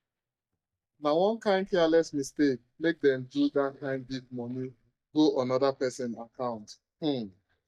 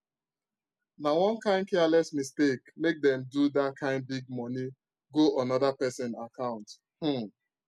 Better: second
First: noise reduction (neural mask model DeepFilterNet 3)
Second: none

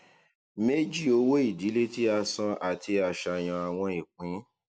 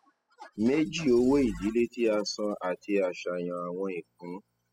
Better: first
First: none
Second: noise reduction (classical method spectral subtraction)

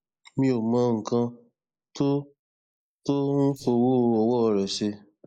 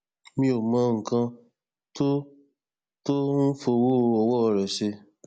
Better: second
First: noise reduction (neural mask model Resemble Enhance denoiser)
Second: none

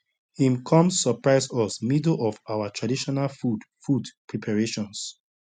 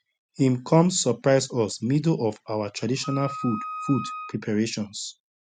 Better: first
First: none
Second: background sound (Wind instrument, woodwind instrument); 10 dB below the speech

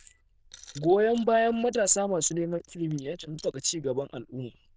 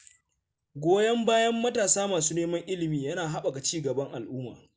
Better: second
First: noise reduction (neural diffusion model UNIVERSE++)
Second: none

